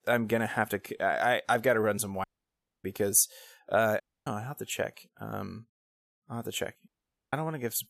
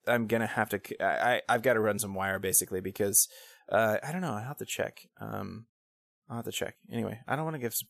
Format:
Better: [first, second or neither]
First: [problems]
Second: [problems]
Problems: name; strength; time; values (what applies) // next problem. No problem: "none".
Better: second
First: audio cutting out; at 2 s for 0.5 s, at 4 s and at 7 s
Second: none